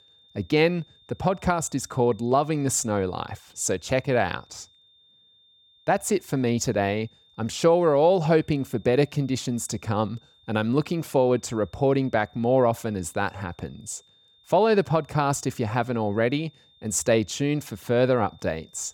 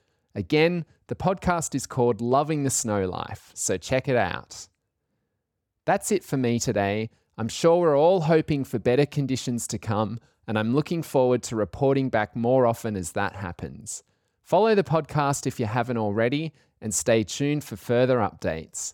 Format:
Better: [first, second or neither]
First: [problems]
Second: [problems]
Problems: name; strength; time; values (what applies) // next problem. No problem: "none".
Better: second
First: high-pitched whine; faint; throughout; 3.5 kHz, 30 dB below the speech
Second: none